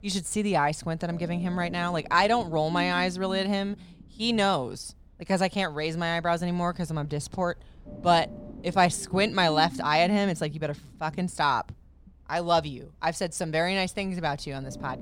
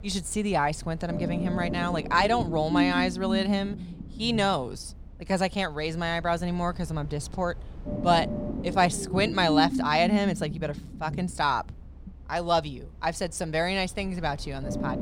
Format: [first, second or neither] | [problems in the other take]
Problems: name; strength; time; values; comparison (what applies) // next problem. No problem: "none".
first | low rumble; loud; throughout; 10 dB below the speech; faint in the first